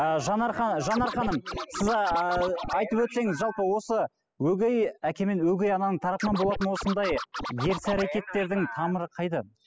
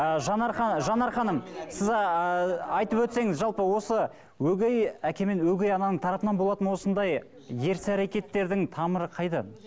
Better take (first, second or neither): second